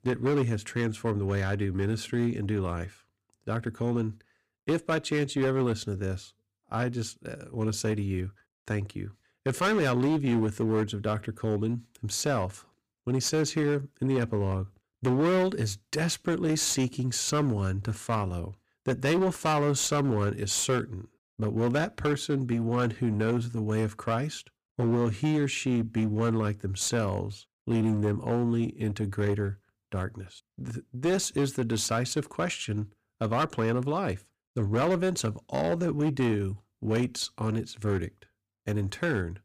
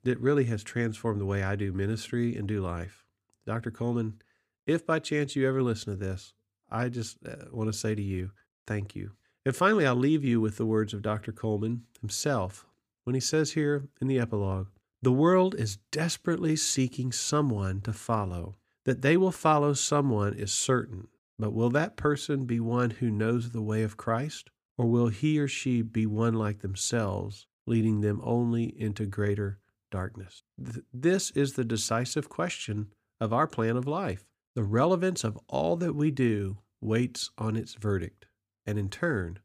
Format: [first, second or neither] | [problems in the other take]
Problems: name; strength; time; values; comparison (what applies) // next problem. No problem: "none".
second | distortion; slight; 11% of the sound clipped